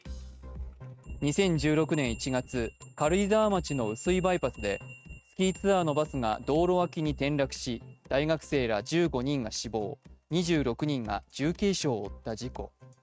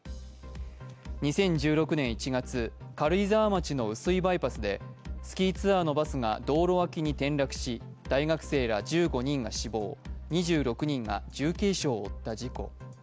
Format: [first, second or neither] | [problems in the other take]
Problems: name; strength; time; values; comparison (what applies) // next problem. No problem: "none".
second | noise reduction (neural mask model RNNoise)